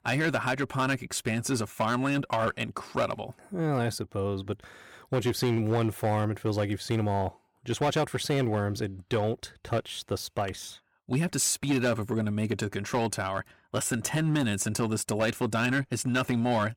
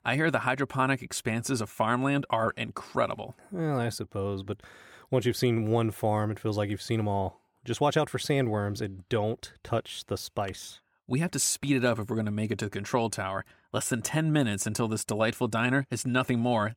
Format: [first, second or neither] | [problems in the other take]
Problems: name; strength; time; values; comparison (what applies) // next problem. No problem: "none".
second | distortion; slight; 6% of the sound clipped